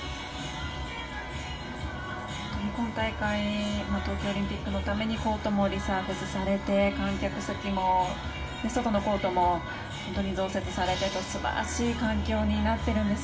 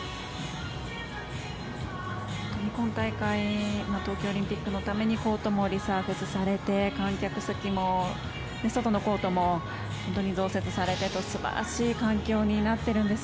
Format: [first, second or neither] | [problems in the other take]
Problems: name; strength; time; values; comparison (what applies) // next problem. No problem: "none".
second | background sound (Wind instrument, woodwind instrument); 19 dB below the speech // room echo; dies away in 0.2 s